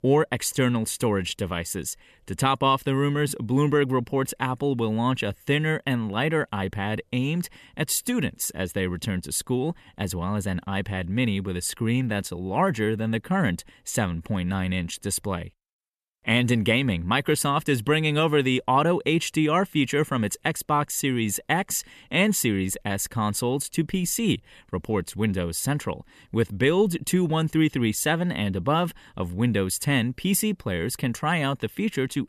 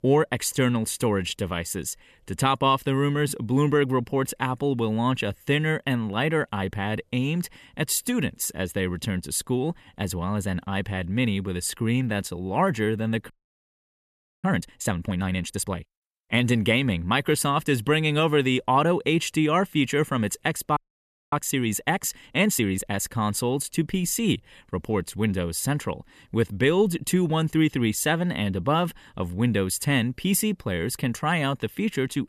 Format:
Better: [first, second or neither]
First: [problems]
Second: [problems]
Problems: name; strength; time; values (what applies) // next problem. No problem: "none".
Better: first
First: none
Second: audio freezing; at 13 s for 1 s and at 21 s for 0.5 s